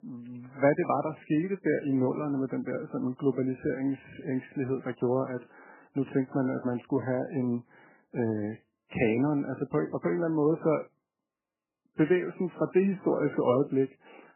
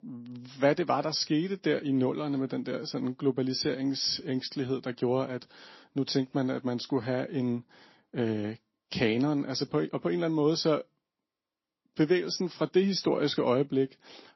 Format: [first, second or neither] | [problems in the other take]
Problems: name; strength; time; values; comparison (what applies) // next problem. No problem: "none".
second | garbled, watery; badly; nothing above 3 kHz; slightly in the second